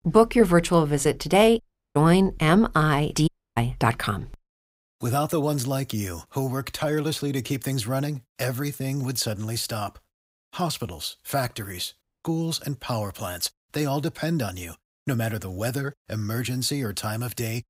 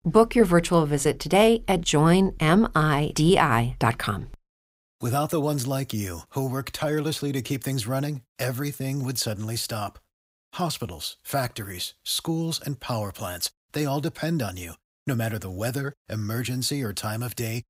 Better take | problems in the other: second | audio cutting out; at 1.5 s, at 3.5 s and at 12 s

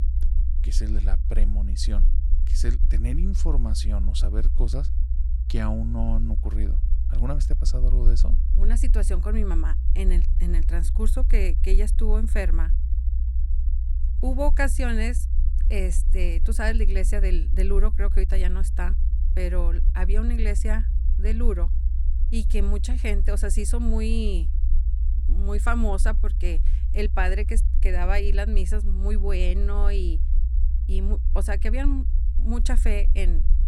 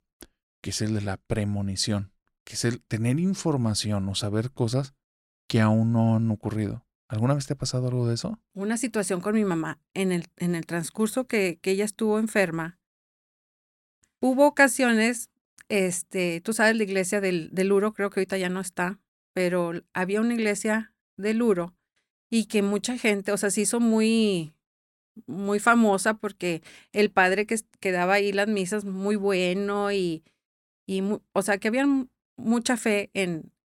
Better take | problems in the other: second | low rumble; noticeable; throughout; 15 dB below the speech

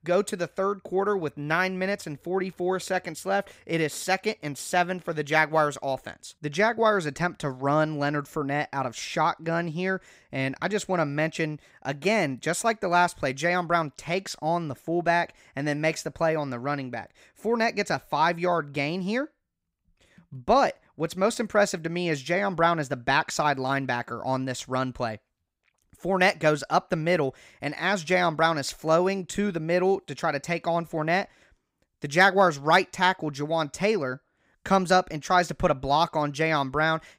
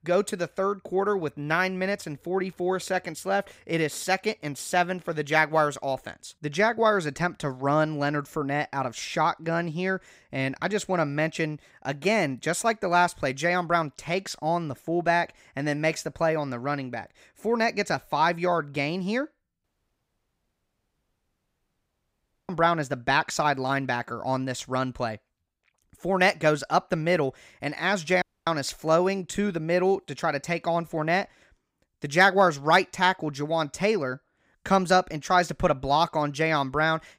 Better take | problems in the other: first | audio cutting out; at 20 s for 3 s and at 28 s

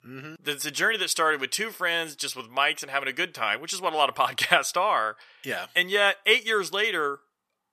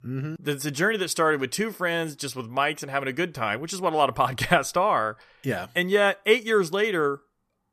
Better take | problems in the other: second | thin; somewhat; fading below 900 Hz

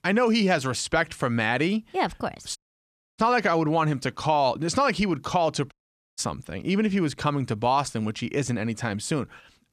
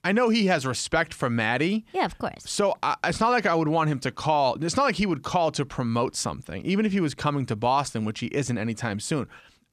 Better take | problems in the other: second | audio cutting out; at 2.5 s for 0.5 s and at 5.5 s

